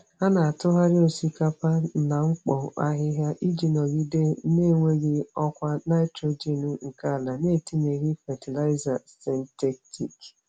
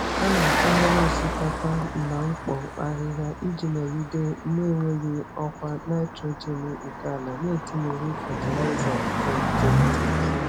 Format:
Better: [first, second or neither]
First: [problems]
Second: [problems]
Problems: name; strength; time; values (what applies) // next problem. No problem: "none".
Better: first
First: none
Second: background sound (Car passing by); 1 dB above the speech